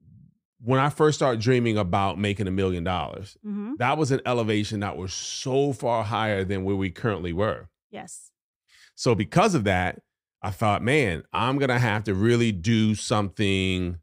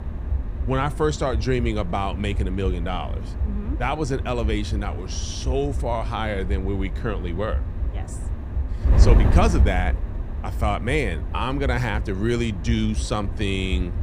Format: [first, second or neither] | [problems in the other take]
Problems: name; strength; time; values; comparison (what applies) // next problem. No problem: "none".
first | wind noise on the microphone; occasional gusts; 10 dB below the speech